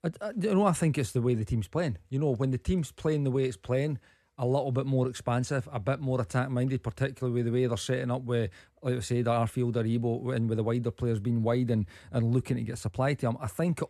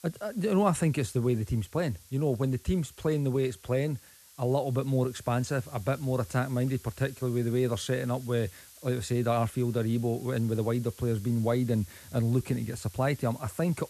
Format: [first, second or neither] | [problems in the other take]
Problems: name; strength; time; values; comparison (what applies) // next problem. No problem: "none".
first | hiss; faint; throughout; 20 dB below the speech